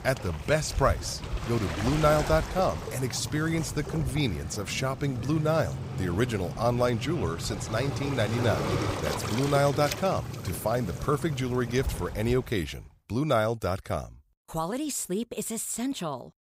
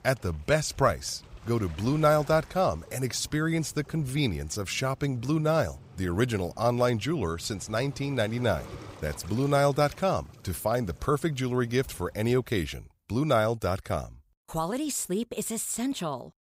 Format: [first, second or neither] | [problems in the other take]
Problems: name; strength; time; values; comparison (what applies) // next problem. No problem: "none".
second | rain or running water; loud; until 13 s; 6 dB below the speech; faint in the second